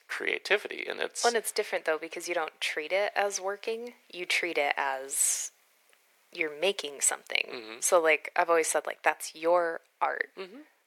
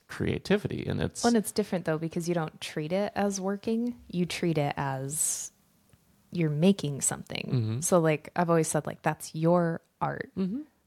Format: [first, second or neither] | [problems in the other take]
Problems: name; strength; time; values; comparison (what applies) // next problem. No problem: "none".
second | thin; very; fading below 450 Hz